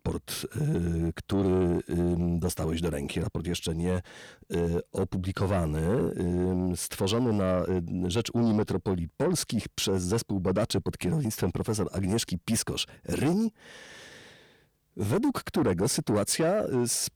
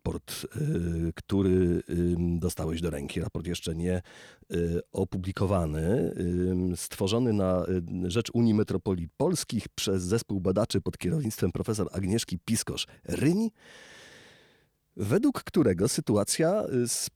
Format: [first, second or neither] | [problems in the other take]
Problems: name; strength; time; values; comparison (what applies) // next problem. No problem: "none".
second | distortion; slight; 10 dB below the speech